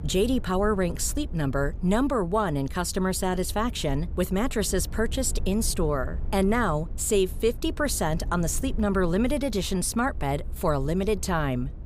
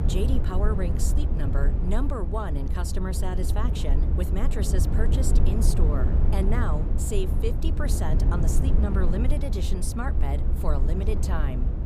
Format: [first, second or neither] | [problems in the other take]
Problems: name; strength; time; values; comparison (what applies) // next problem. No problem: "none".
first | low rumble; loud; throughout; 4 dB below the speech; faint in the first